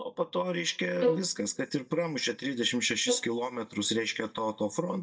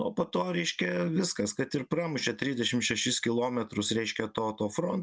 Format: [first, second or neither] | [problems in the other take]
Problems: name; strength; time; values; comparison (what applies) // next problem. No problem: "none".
second | noise reduction (neural mask model DeepFilterNet 3)